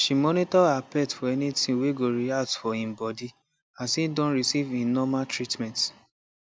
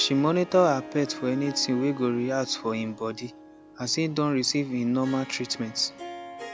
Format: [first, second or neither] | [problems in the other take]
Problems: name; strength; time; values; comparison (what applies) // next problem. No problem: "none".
first | background sound (Harp); 16 dB below the speech